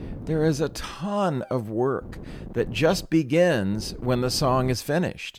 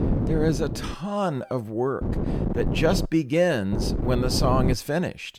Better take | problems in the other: first | wind noise on the microphone; heavy; at the start, from 2 to 3 s and from 3.5 to 4.5 s; 8 dB below the speech; occasional gusts in the first

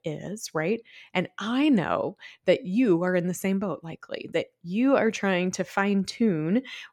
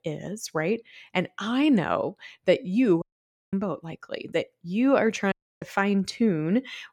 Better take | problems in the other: first | audio cutting out; at 3 s for 0.5 s and at 5.5 s

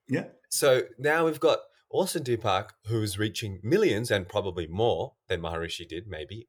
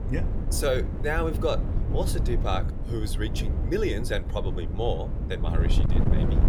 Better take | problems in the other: first | wind noise on the microphone; heavy; 9 dB below the speech

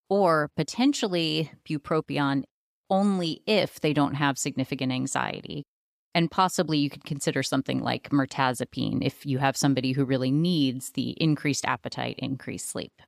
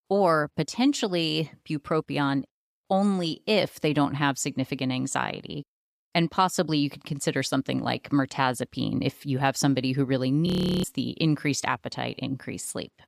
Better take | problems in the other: first | audio freezing; at 10 s

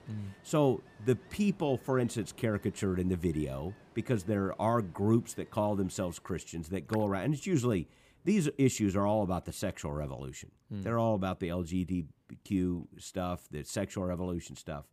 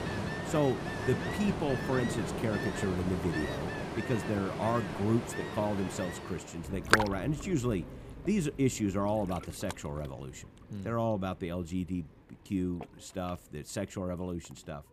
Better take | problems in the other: first | rain or running water; loud; throughout; 3 dB below the speech; faint in the first

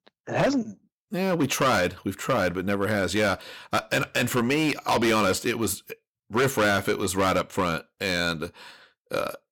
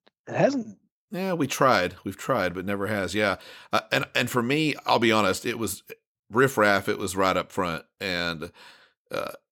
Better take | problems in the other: second | distortion; heavy; 8% of the sound clipped

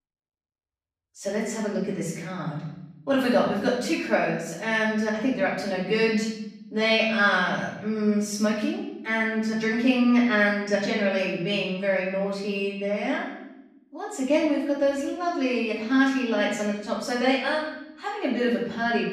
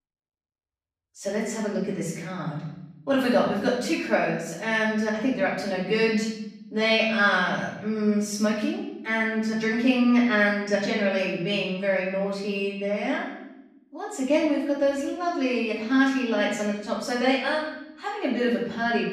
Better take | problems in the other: neither | off-mic speech; far; the same in both // room echo; noticeable; dies away in 0.9 s; the same in both

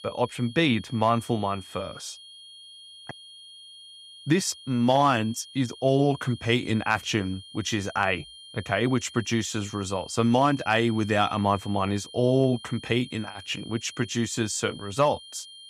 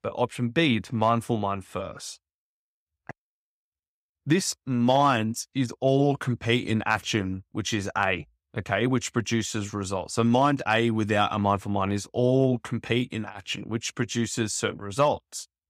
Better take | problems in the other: second | high-pitched whine; noticeable; throughout; 3 kHz, 20 dB below the speech

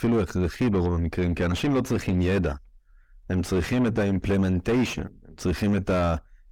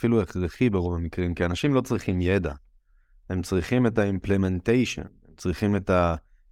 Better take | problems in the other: second | distortion; heavy; 6 dB below the speech

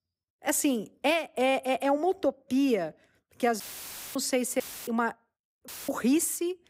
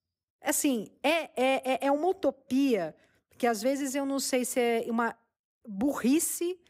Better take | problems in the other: second | audio cutting out; filled with static; at 3.5 s for 0.5 s, at 4.5 s and at 5.5 s

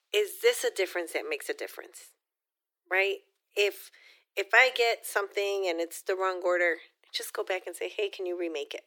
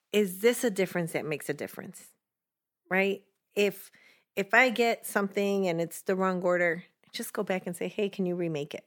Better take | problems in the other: second | thin; very; fading below 350 Hz

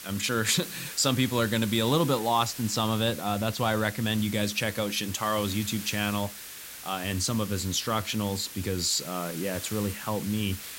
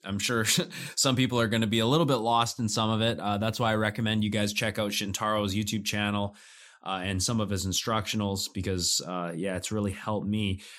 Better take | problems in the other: second | hiss; noticeable; throughout; 10 dB below the speech

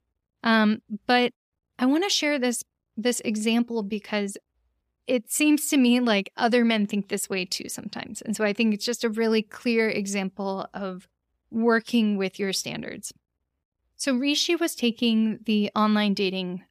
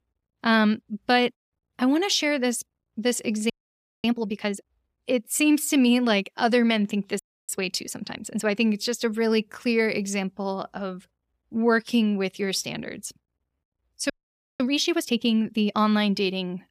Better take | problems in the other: first | audio freezing; at 3.5 s for 0.5 s, at 7 s and at 14 s for 0.5 s

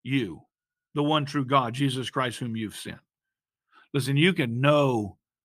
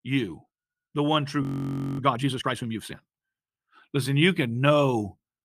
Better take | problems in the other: first | audio freezing; at 1.5 s for 0.5 s

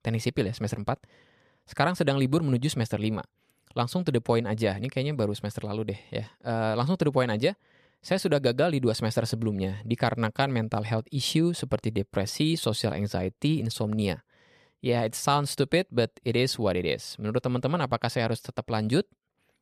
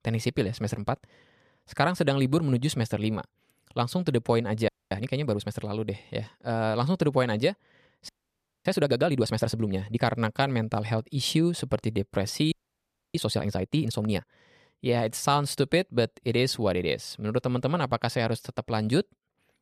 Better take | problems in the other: first | audio freezing; at 4.5 s, at 8 s for 0.5 s and at 13 s for 0.5 s

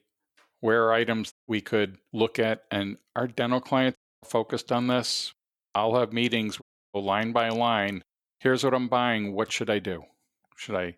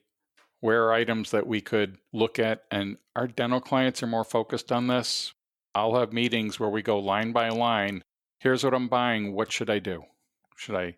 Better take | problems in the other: second | audio cutting out; at 1.5 s, at 4 s and at 6.5 s

